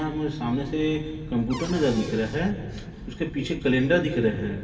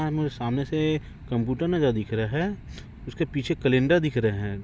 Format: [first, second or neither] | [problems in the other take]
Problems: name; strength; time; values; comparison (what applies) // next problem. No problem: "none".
second | background sound (Cupboard open or close / Door); 16 dB below the speech // room echo; dies away in 2.3 s